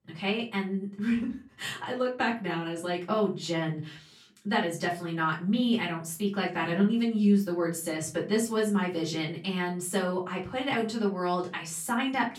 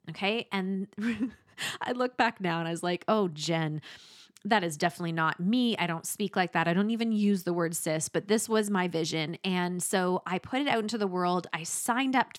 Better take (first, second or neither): second